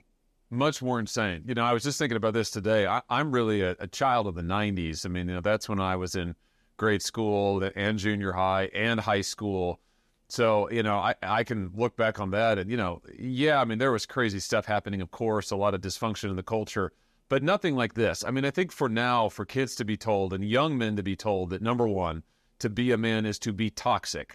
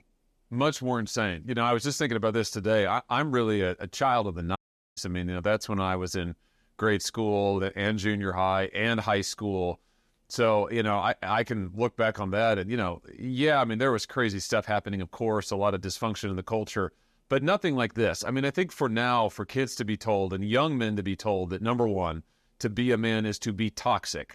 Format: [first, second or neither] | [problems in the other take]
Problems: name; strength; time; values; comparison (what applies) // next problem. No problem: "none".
first | audio cutting out; at 4.5 s